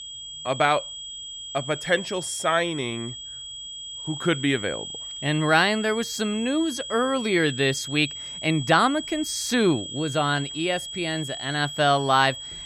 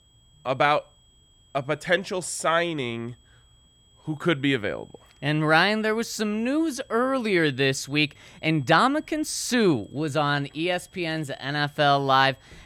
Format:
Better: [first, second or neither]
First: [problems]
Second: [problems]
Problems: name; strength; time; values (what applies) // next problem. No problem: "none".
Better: second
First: high-pitched whine; loud; throughout; 3.5 kHz, 9 dB below the speech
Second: high-pitched whine; faint; throughout; 3.5 kHz, 35 dB below the speech